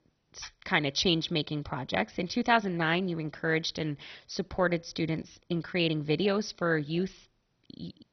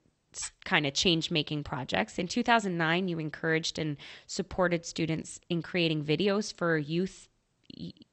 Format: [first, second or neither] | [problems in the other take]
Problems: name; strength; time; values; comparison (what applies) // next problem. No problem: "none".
second | garbled, watery; badly; nothing above 6 kHz; slightly in the second